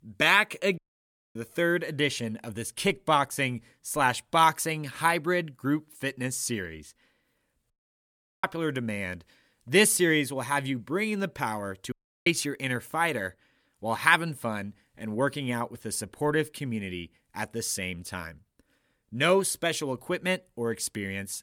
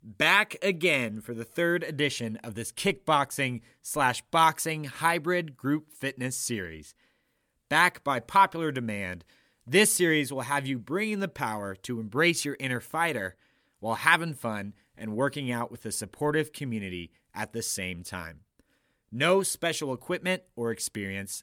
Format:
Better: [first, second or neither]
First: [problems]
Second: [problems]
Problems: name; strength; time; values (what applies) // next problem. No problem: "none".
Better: second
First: audio cutting out; at 1 s for 0.5 s, at 7.5 s for 0.5 s and at 12 s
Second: none